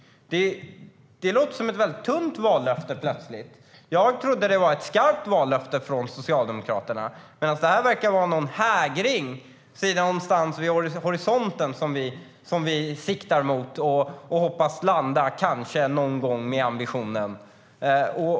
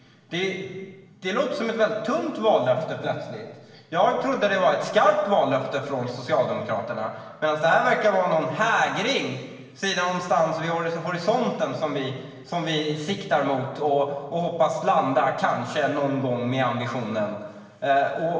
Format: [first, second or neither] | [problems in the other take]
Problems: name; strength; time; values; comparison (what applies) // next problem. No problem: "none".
first | room echo; dies away in 1.2 s